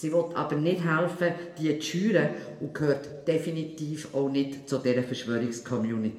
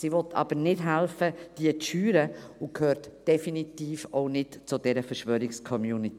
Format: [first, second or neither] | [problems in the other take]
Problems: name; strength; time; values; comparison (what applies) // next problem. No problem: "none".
second | room echo; dies away in 0.8 s